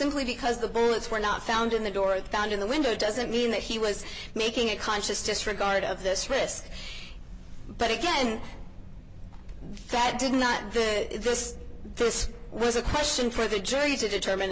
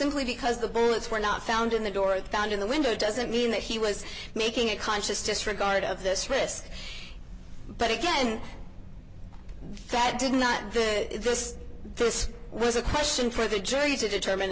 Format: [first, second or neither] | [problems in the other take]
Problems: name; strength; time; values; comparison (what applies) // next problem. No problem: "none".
second | background sound (Piano); 18 dB below the speech